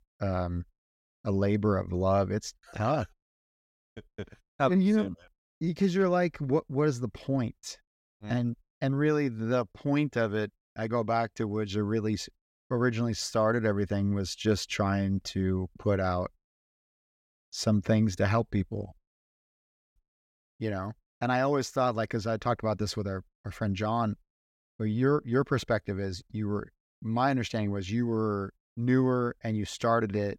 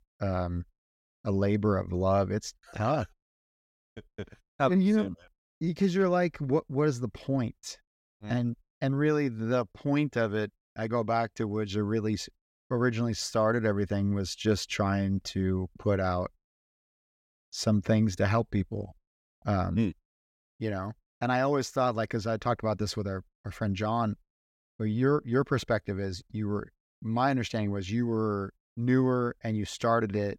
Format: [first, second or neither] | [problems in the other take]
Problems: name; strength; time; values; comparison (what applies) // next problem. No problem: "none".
second | audio freezing; at 19 s for 0.5 s